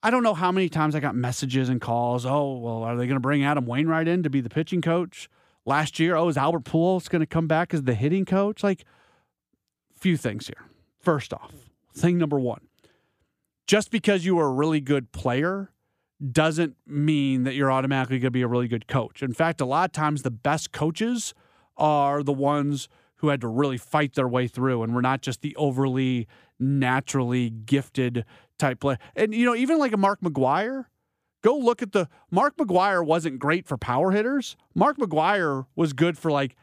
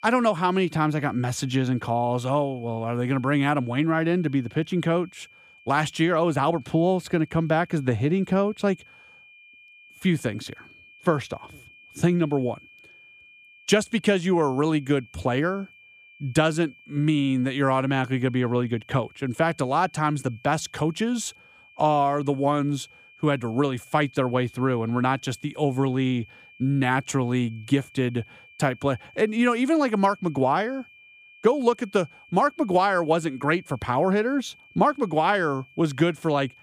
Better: first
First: none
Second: high-pitched whine; faint; throughout; 2.5 kHz, 25 dB below the speech

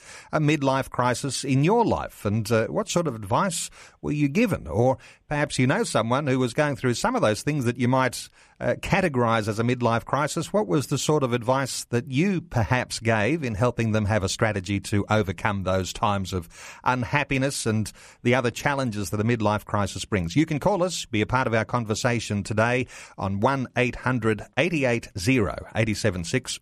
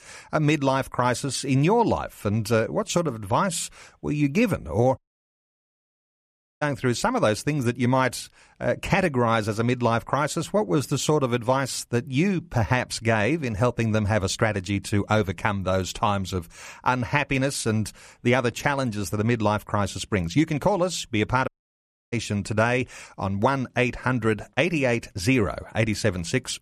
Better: first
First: none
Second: audio cutting out; at 5 s for 1.5 s and at 21 s for 0.5 s

